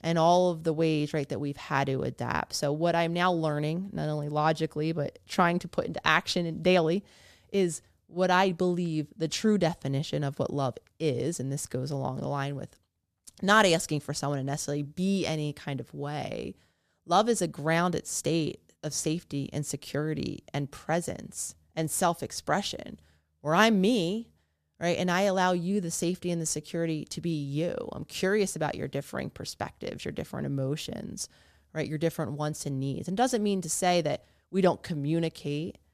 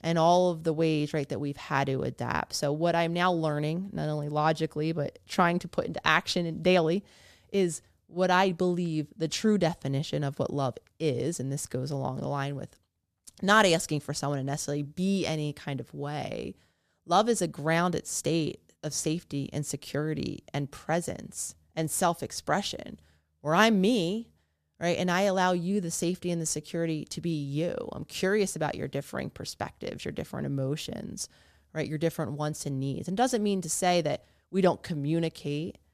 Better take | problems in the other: neither | none

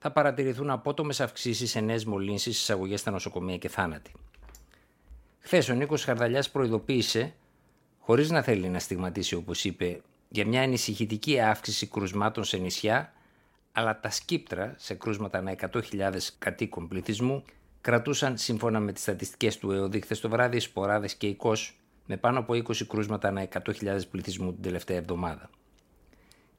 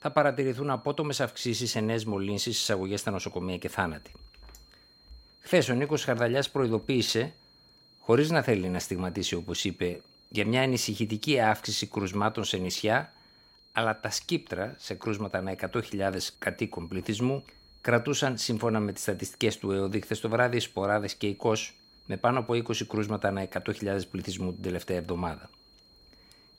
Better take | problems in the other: first | high-pitched whine; faint; throughout; 4 kHz, 30 dB below the speech

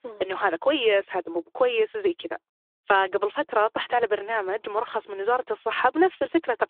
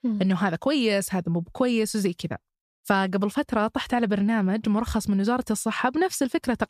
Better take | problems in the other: second | phone-call audio

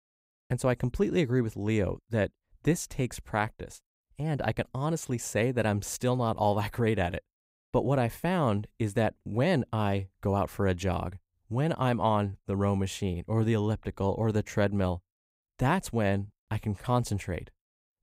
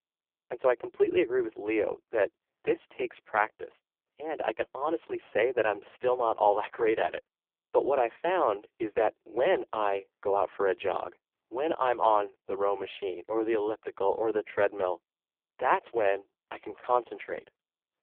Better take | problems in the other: first | phone-call audio; poor line

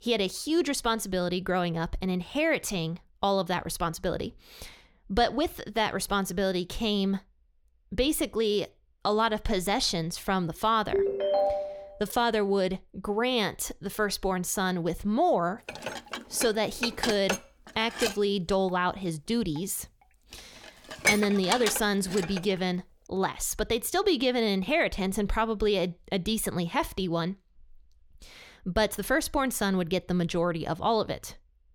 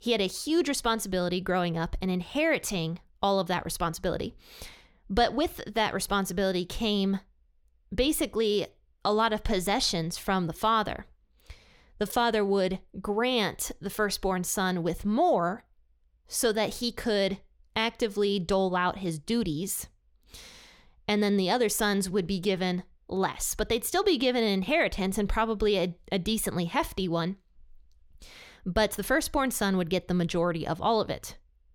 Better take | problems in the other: second | phone ringing; loud; at 11 s; peak 2 dB above the speech // clattering dishes; loud; from 16 to 22 s; peak 3 dB above the speech

